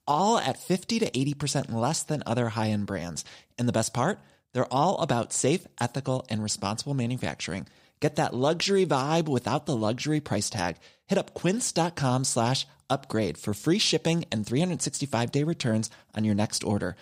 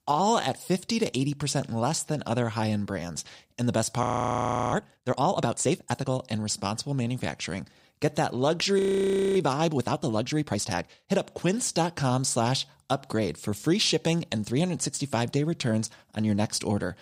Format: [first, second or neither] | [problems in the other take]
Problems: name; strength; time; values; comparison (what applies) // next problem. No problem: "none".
first | audio freezing; at 4 s for 0.5 s and at 9 s for 0.5 s